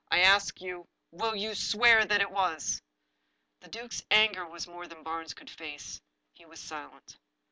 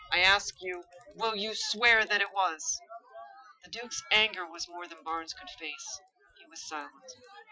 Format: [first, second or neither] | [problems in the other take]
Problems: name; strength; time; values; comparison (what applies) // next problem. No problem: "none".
first | noise reduction (classical method Wiener filter)